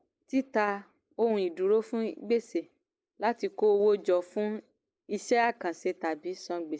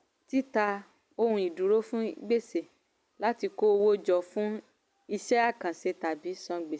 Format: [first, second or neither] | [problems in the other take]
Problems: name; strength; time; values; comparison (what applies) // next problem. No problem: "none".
second | noise reduction (neural mask model Resemble Enhance denoiser)